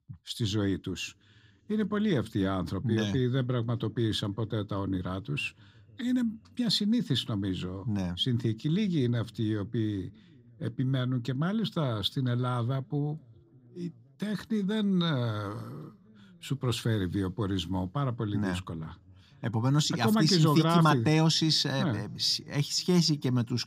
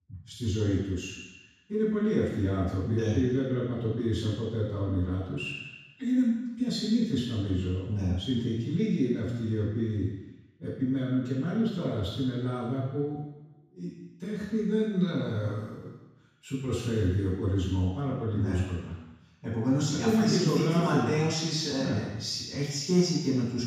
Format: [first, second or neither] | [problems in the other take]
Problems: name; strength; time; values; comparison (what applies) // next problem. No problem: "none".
first | room echo; strong; dies away in 1.1 s; slight in the first // off-mic speech; far